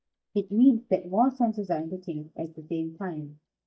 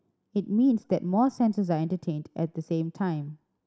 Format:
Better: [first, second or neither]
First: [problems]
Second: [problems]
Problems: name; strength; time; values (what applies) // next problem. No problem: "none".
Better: second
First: noise reduction (neural mask model DeepFilterNet 3)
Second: none